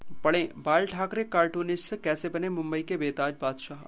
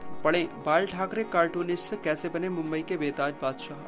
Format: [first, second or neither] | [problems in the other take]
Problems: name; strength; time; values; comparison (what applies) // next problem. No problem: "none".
first | background sound (Piano); 15 dB below the speech